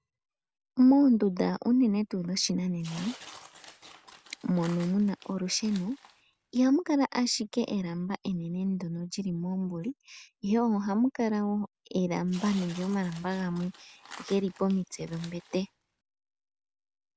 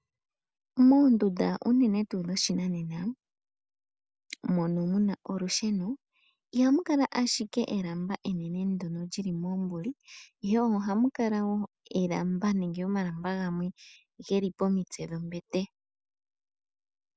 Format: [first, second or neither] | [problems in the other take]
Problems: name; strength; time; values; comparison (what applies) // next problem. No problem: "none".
second | background sound (Tearing); 20 dB below the speech